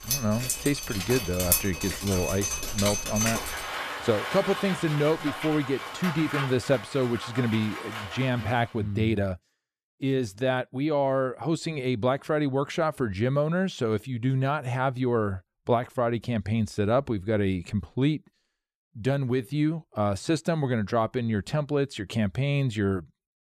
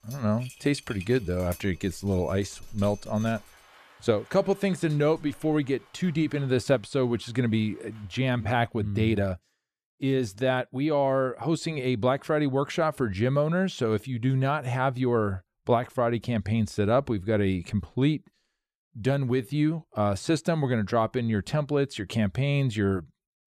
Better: second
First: rain or running water; loud; until 8.5 s; 4 dB below the speech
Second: rain or running water; faint; until 8.5 s; 25 dB below the speech

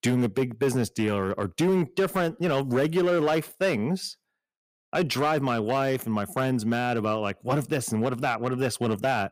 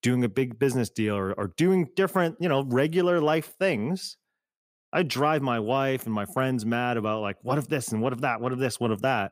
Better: second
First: distortion; slight; 6% of the sound clipped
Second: none

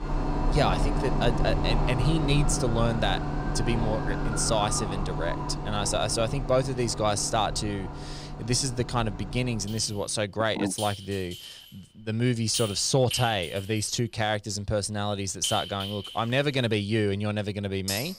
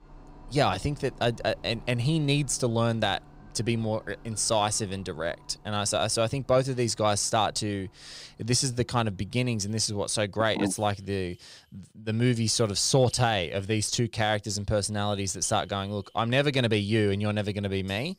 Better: second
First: household noises; loud; throughout; 5 dB below the speech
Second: household noises; faint; throughout; 25 dB below the speech

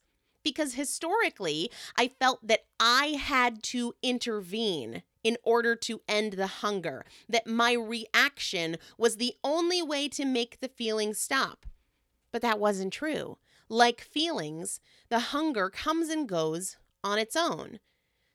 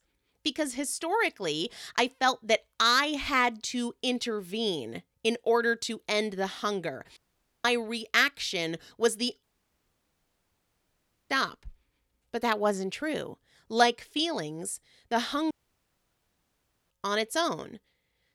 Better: first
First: none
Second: audio cutting out; at 7 s, at 9.5 s for 2 s and at 16 s for 1.5 s

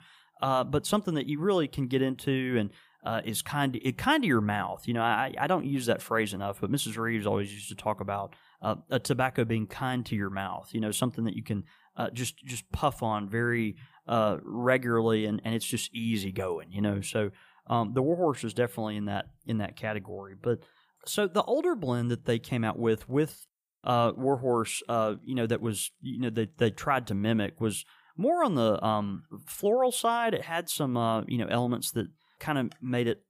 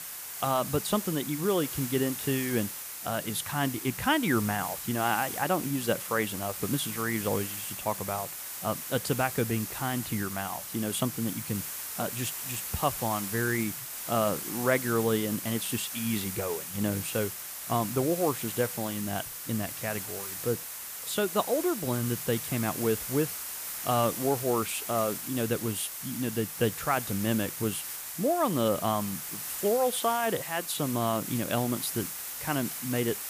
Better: first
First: none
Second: hiss; loud; throughout; 5 dB below the speech

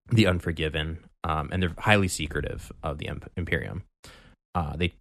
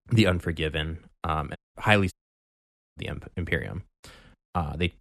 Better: first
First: none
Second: audio cutting out; at 1.5 s and at 2 s for 1 s

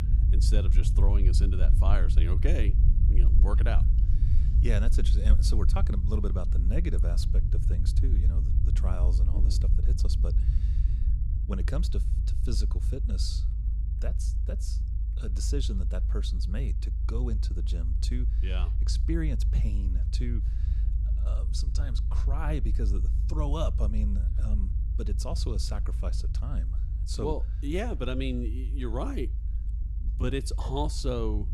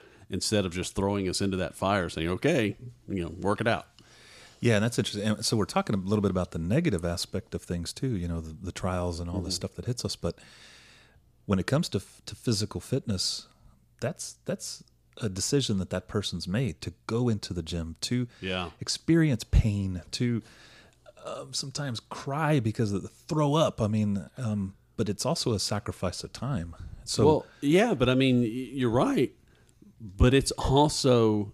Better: second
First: low rumble; loud; throughout; 8 dB below the speech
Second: none

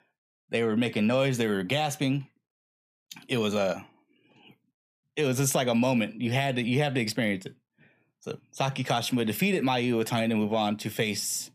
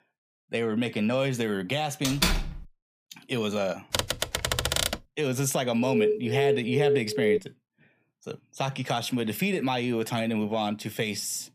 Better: first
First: none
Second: door banging; loud; at 2 s; peak 3 dB above the speech // keyboard typing; loud; from 4 to 5 s; peak 3 dB above the speech // alarm; loud; from 6 to 7.5 s; peak 2 dB above the speech

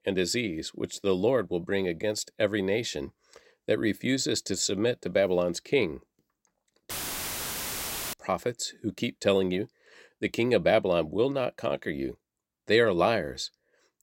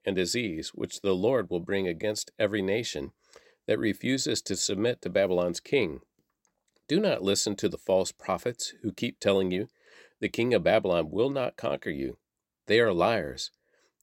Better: second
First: audio cutting out; filled with static; at 7 s for 1 s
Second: none

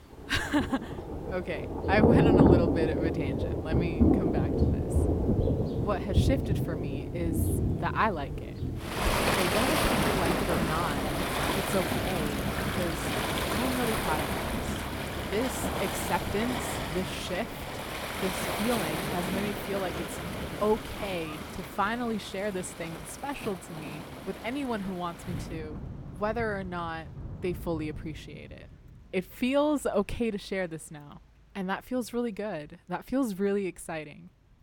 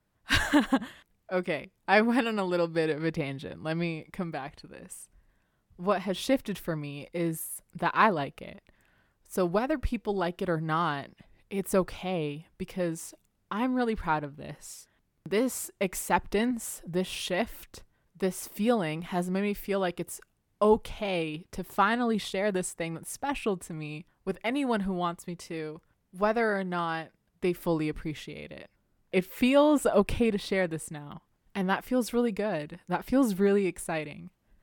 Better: second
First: rain or running water; very loud; throughout; 4 dB above the speech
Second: none

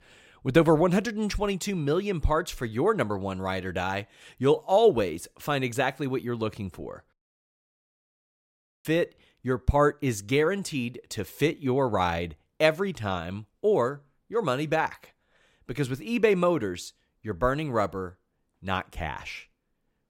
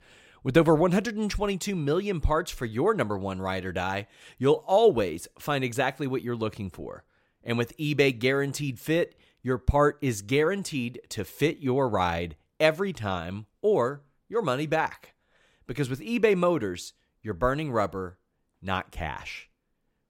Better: second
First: audio cutting out; at 7 s for 1.5 s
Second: none

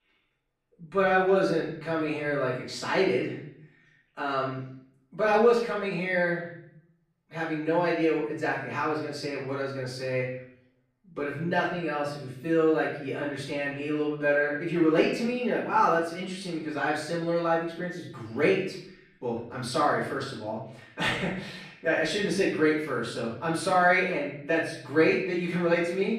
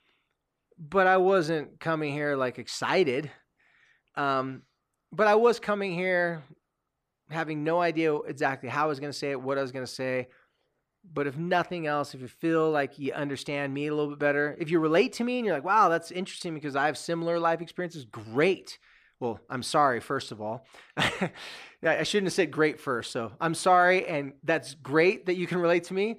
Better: second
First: off-mic speech; far // room echo; noticeable; dies away in 0.7 s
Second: none

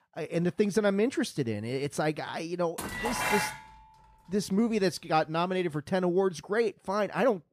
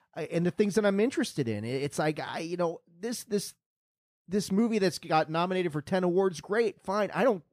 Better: second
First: clattering dishes; loud; at 3 s; peak 1 dB above the speech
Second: none

